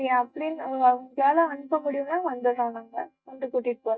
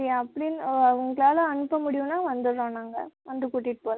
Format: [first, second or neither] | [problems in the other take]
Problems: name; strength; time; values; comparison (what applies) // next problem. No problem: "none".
second | noise reduction (neural mask model DeepFilterNet 3)